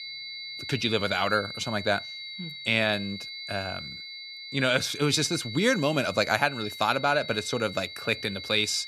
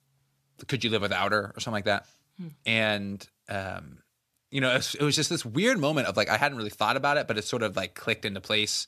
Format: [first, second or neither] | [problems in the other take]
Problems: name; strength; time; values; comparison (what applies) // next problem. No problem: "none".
second | high-pitched whine; noticeable; throughout; 4 kHz, 10 dB below the speech